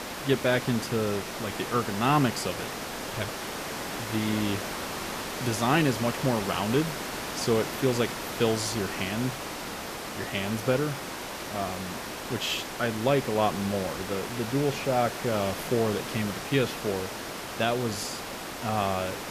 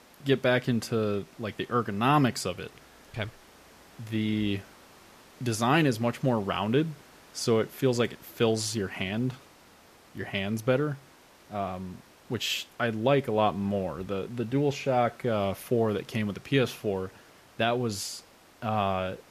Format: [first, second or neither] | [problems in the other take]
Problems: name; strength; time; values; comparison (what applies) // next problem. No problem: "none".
second | hiss; loud; throughout; 6 dB below the speech; faint in the second